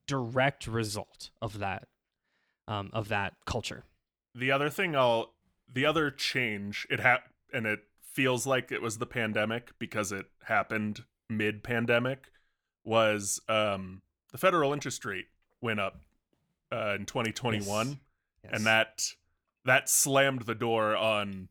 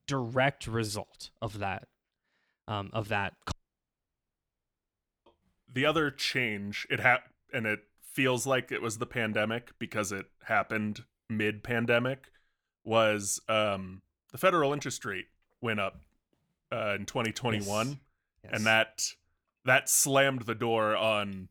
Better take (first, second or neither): first